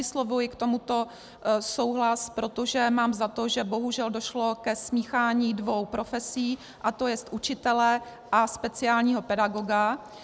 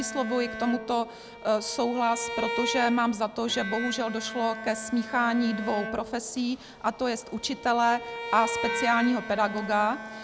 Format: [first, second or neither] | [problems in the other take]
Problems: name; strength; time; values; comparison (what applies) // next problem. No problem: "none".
first | background sound (Bowed string instrument + Bowed string instrument); 8 dB below the speech